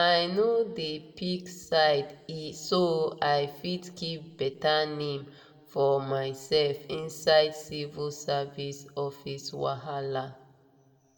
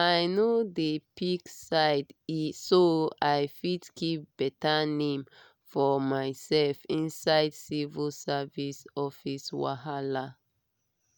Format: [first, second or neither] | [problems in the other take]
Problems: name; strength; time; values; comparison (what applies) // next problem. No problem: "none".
second | room echo; dies away in 0.8 s